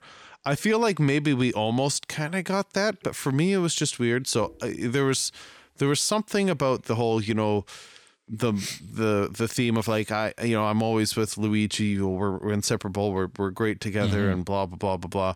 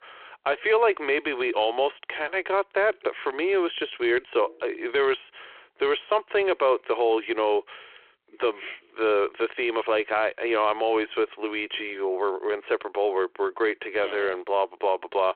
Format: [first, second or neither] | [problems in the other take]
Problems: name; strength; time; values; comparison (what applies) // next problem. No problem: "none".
first | phone-call audio